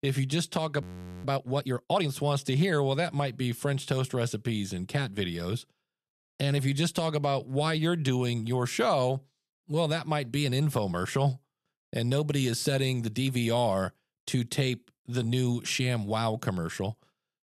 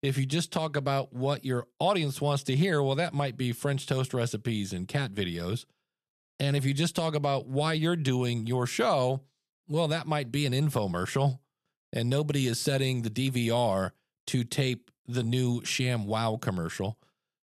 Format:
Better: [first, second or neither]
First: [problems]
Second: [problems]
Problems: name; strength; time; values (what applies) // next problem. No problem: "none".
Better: second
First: audio freezing; at 1 s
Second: none